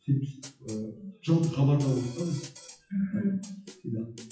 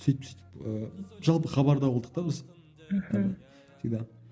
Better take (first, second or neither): second